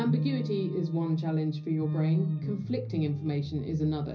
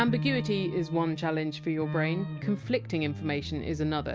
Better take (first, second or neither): second